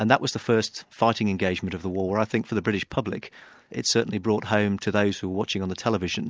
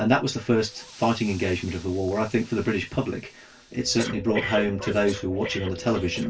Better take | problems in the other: first | background sound (Breathing); 12 dB below the speech // room echo; dies away in 0.1 s

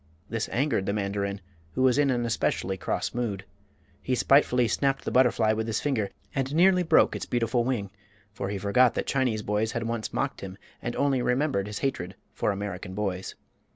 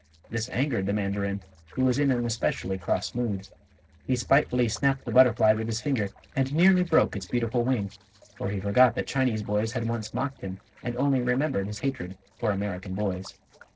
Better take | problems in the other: first | noise reduction (neural separator model SepFormer DNS4)

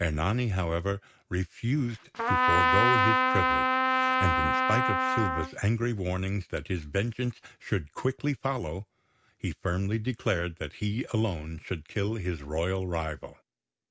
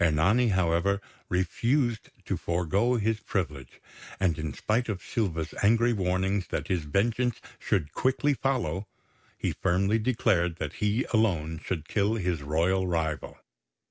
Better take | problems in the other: second | background sound (Trumpet); 5 dB above the speech

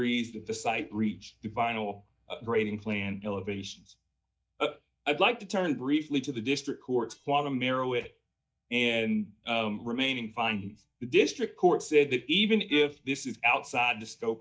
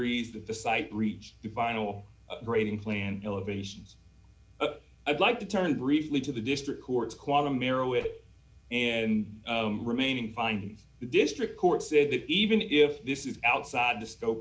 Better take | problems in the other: second | noise reduction (neural mask model DeepFilterNet 3)

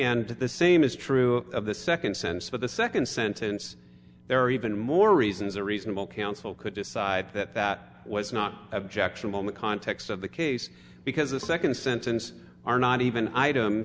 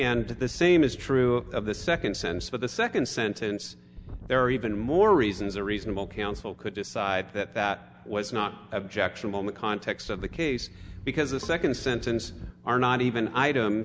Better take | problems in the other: first | background sound (Wind); 14 dB below the speech

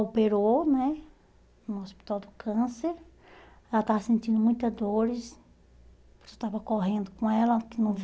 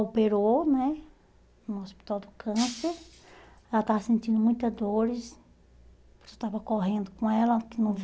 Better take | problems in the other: first | background sound (Shatter); 14 dB below the speech

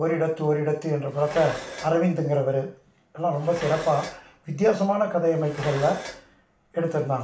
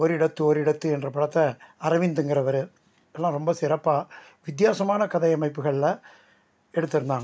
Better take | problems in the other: second | background sound (Dishes, pots, and pans); 15 dB below the speech // room echo; dies away in 0.4 s

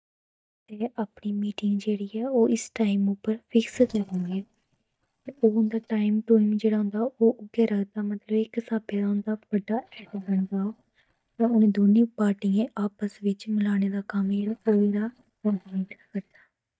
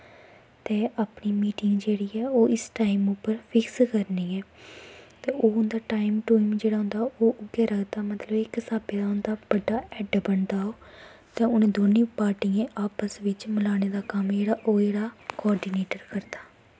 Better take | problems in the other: second | noise reduction (neural mask model DeepFilterNet 3)

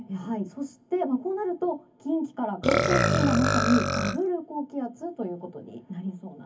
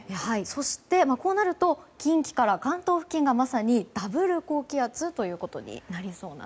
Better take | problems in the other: second | background sound (Burping, eructation); 2 dB above the speech // room echo; dies away in 0.3 s

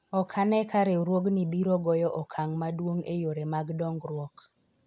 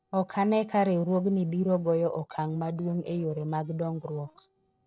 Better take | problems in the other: first | noise reduction (neural separator model SepFormer DNS4)

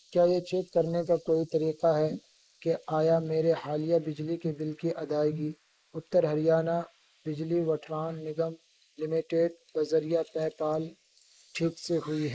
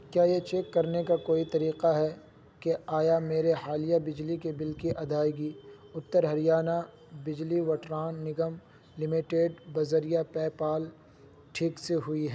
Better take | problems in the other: second | noise reduction (neural mask model Resemble Enhance denoiser)

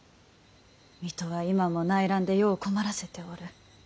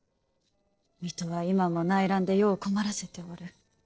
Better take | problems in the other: first | noise reduction (neural separator model SepFormer DNS4)

